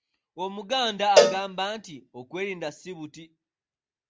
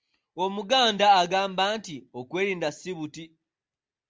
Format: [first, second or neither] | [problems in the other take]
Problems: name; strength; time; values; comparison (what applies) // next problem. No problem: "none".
second | background sound (Cowbell); 5 dB above the speech